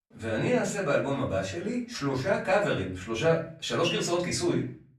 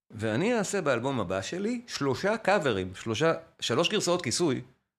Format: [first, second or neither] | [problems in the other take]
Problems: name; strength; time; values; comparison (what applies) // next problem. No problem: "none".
second | off-mic speech; far // room echo; slight; dies away in 0.4 s